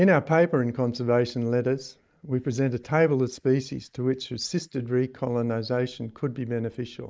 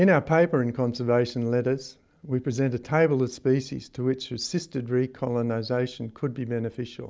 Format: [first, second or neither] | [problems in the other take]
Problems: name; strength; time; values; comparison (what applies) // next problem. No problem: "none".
second | noise reduction (neural mask model Resemble Enhance denoiser)